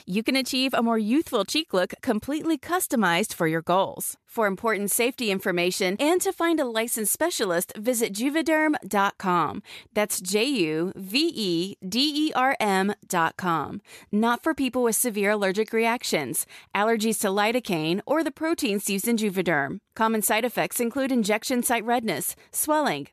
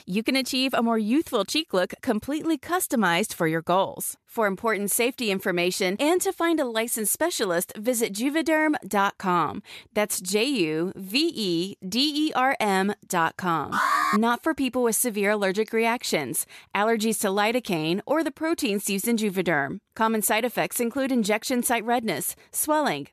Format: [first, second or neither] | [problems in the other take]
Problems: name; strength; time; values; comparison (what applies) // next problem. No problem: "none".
first | alarm; loud; at 14 s; peak 3 dB above the speech